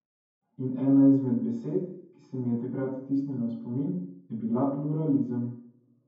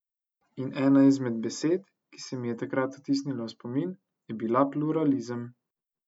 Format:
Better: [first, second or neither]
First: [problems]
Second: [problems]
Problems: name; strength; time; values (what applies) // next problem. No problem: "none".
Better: second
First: room echo; dies away in 0.9 s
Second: none